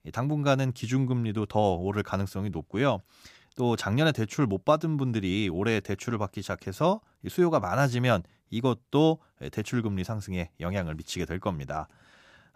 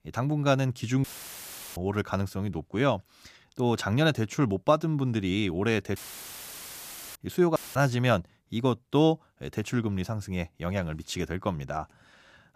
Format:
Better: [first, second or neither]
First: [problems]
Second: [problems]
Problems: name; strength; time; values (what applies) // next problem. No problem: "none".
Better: first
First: none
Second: audio cutting out; filled with static; at 1 s for 0.5 s, at 6 s for 1 s and at 7.5 s